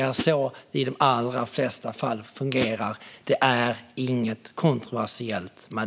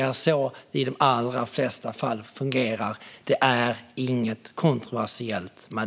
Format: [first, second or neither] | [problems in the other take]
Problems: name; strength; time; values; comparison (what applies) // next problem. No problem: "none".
second | background sound (Hi-hat); 7 dB below the speech